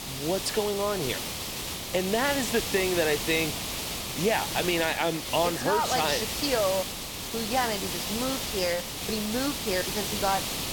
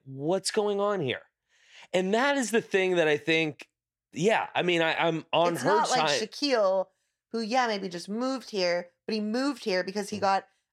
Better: second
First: hiss; loud; throughout; 2 dB below the speech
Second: none

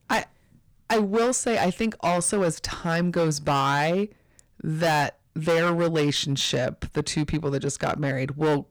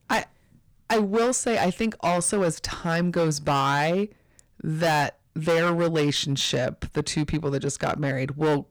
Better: neither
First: distortion; heavy; 11% of the sound clipped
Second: distortion; heavy; 11% of the sound clipped

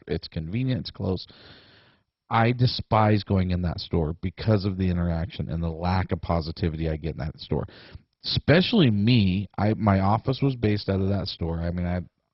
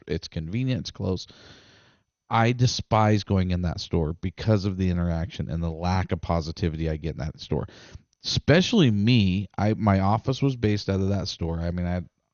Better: second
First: garbled, watery; badly; nothing above 5.5 kHz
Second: garbled, watery; slightly; nothing above 6.5 kHz

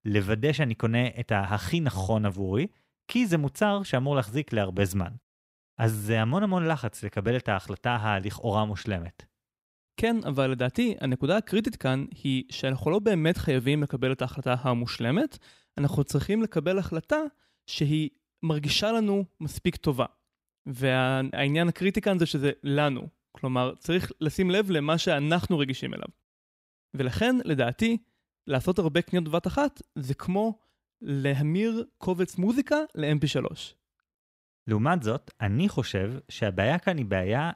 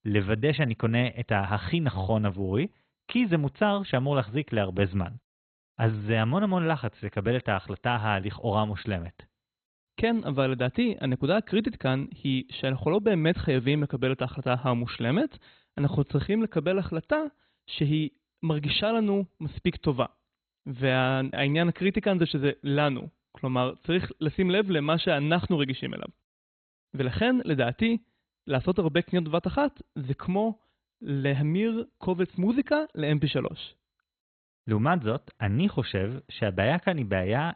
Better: first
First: none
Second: garbled, watery; badly; nothing above 4 kHz

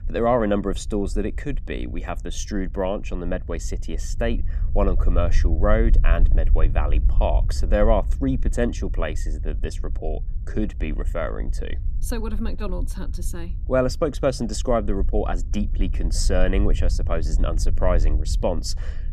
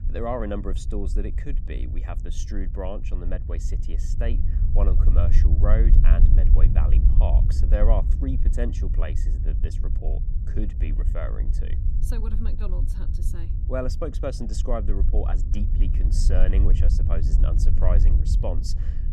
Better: first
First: low rumble; faint; throughout; 20 dB below the speech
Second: low rumble; loud; throughout; 8 dB below the speech

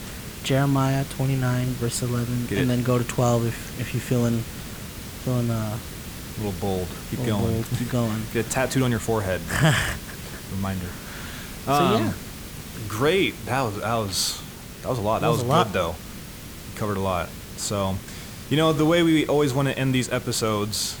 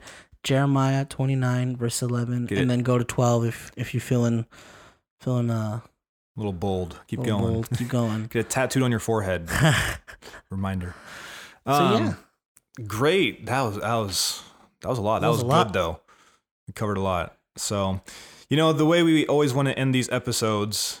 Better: second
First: hiss; noticeable; throughout; 10 dB below the speech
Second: none

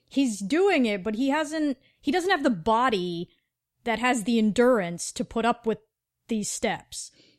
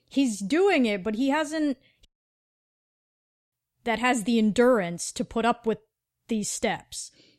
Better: first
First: none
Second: audio cutting out; at 2 s for 1.5 s

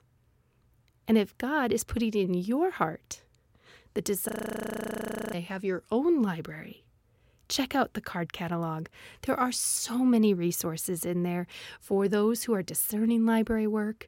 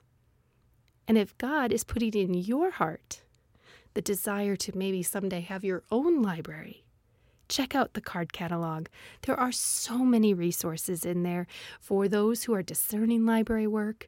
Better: second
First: audio freezing; at 4.5 s for 1 s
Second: none

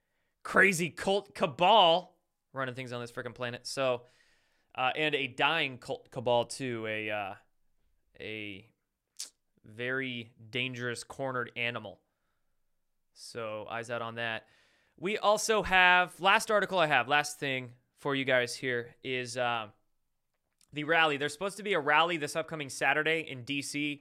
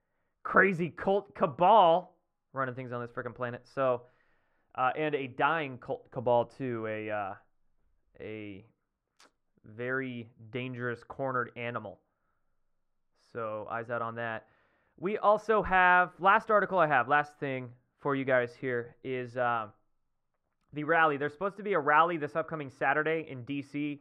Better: first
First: none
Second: muffled; very; fading above 3 kHz

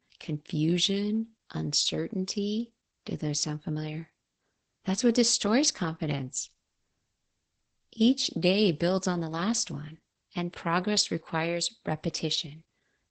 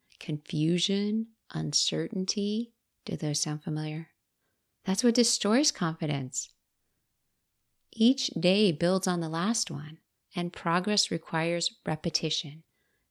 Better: second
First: garbled, watery; badly; nothing above 8 kHz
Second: none

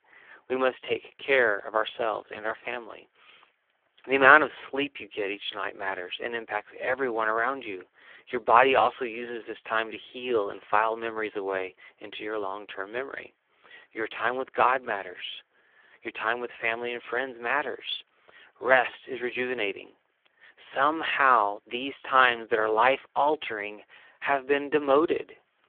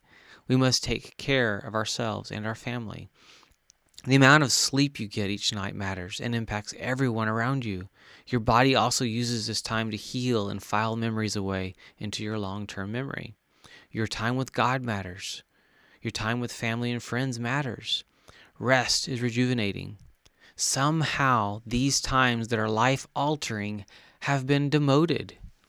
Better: second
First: phone-call audio; poor line; nothing above 3.5 kHz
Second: none

